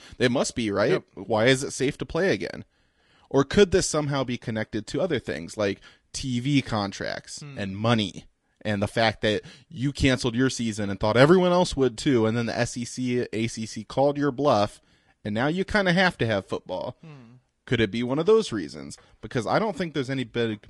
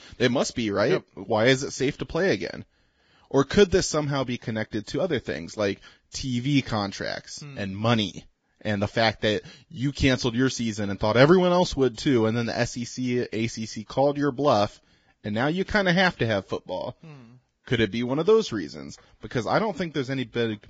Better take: first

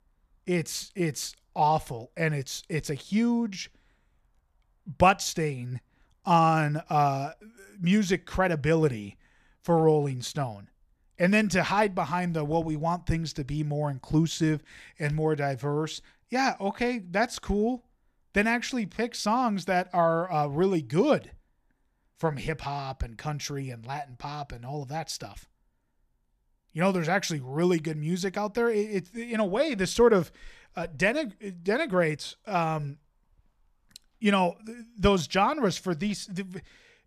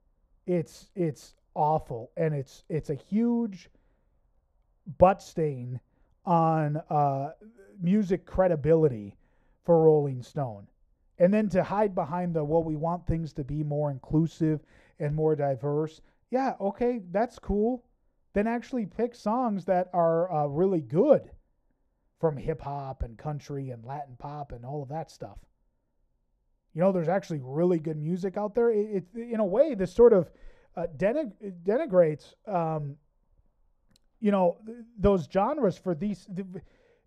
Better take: first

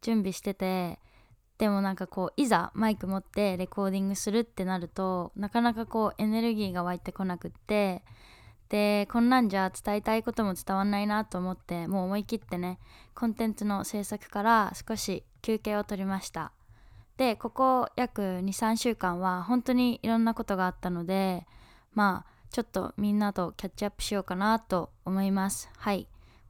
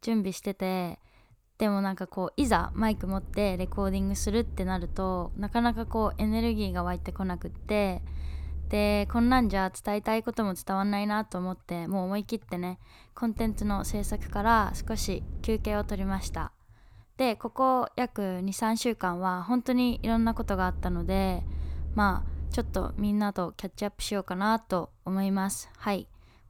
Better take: first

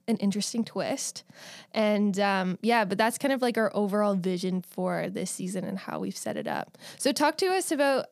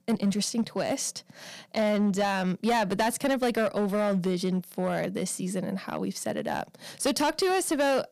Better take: first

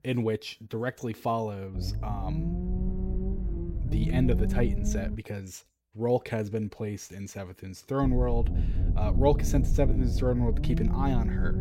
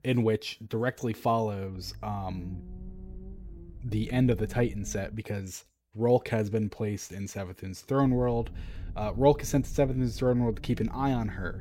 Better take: second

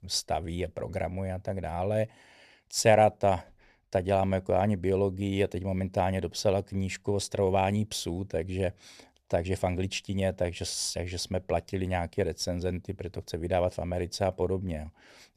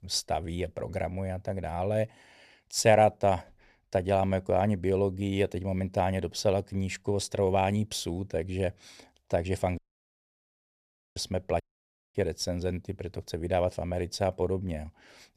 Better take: first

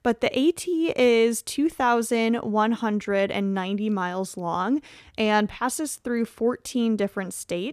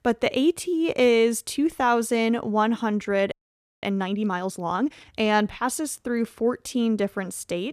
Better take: first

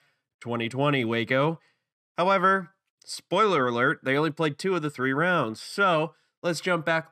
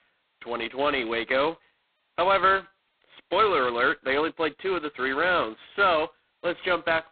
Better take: first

